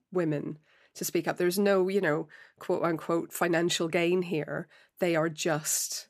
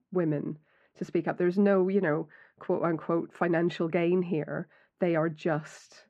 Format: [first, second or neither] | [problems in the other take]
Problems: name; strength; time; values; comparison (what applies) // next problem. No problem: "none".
first | muffled; very; fading above 2 kHz